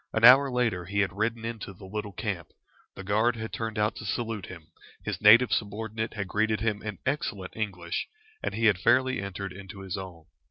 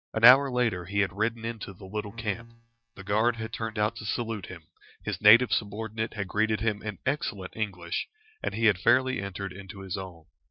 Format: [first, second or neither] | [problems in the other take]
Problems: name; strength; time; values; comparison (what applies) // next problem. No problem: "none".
first | noise reduction (neural mask model DeepFilterNet 3)